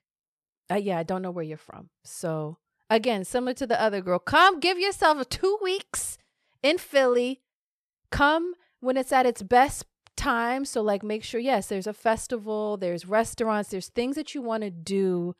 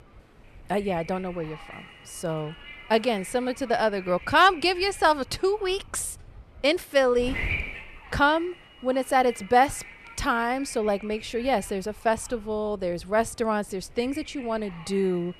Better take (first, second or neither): first